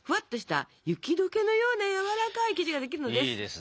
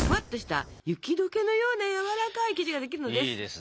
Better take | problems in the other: first | background sound (Fire); 9 dB below the speech

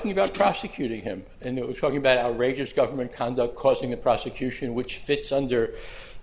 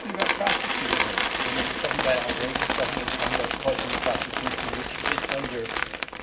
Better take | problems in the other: first | background sound (Coin (dropping)); 4 dB above the speech // room echo; dies away in 0.4 s

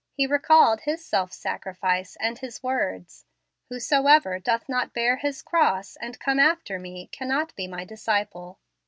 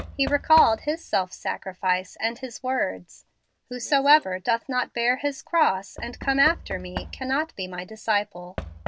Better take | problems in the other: first | background sound (Knock / Wood); 15 dB below the speech

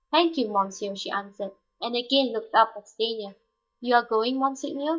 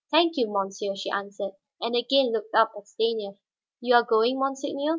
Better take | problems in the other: second | noise reduction (neural mask model DeepFilterNet 3)

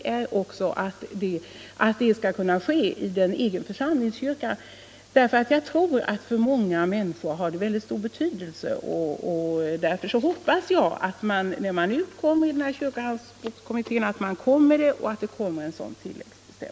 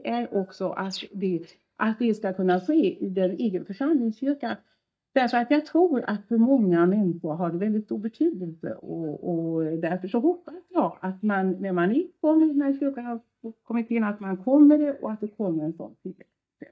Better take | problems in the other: first | noise reduction (neural mask model DeepFilterNet 3)

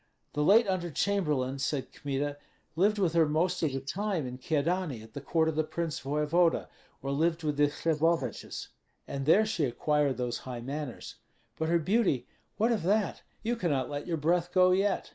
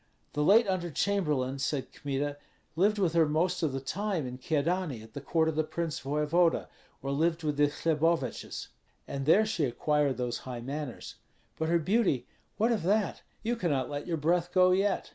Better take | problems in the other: second | noise reduction (neural mask model Resemble Enhance denoiser)

